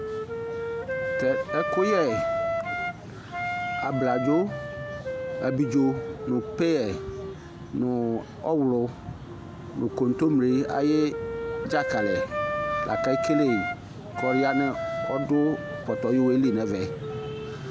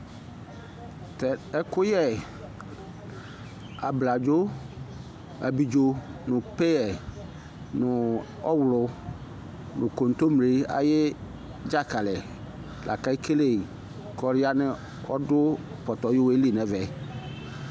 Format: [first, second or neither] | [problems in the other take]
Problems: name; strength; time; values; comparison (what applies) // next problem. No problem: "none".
second | background sound (Wind instrument, woodwind instrument); 4 dB below the speech